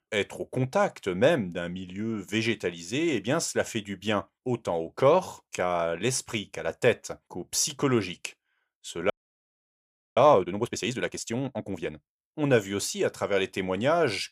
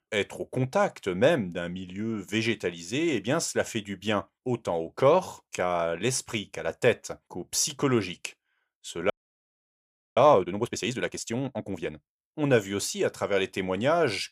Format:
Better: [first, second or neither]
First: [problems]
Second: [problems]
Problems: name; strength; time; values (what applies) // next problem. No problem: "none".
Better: neither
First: audio freezing; at 9 s for 1 s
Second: audio freezing; at 9 s for 1 s